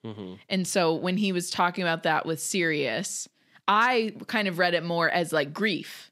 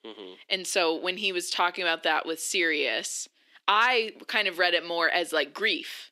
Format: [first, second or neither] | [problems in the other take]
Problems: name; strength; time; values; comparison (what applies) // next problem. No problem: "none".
first | thin; somewhat; fading below 350 Hz